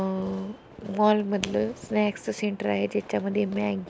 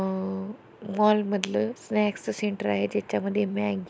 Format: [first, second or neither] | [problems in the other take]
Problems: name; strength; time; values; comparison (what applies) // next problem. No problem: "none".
second | background sound (Fireworks); 19 dB below the speech